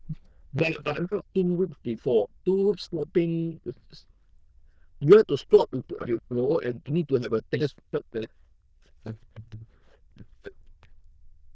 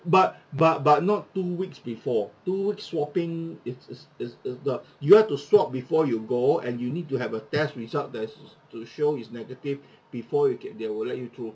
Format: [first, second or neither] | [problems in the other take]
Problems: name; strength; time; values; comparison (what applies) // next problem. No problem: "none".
second | noise reduction (neural diffusion model UNIVERSE++)